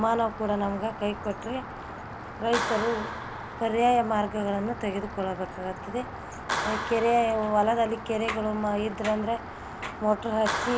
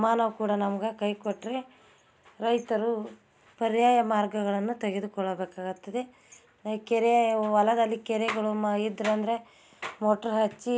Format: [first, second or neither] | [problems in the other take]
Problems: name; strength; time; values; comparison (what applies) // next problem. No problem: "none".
second | background sound (Clapping + Rain); 7 dB below the speech